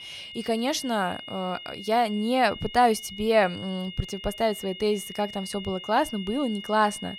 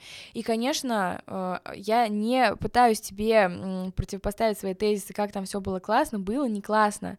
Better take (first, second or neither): second